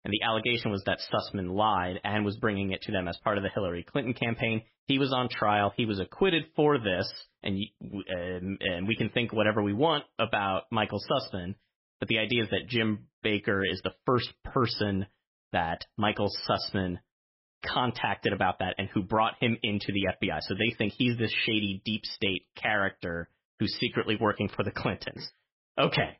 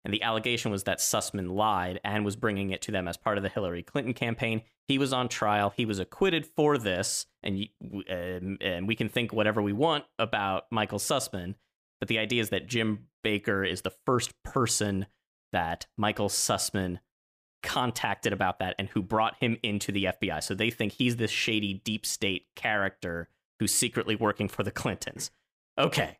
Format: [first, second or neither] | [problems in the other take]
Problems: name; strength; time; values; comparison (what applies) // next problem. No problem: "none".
second | garbled, watery; badly; nothing above 5.5 kHz